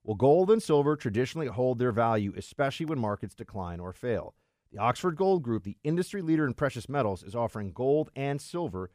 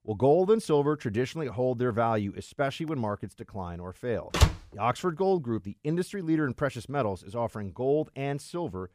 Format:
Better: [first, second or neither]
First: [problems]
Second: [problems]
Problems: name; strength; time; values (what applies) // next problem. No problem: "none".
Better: first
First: none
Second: door banging; loud; at 4.5 s; peak 4 dB above the speech